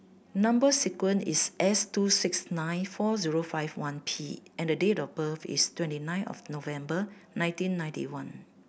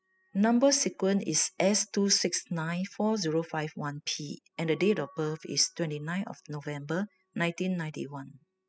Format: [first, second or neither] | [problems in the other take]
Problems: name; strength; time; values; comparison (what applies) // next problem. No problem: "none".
first | noise reduction (classical method spectral subtraction)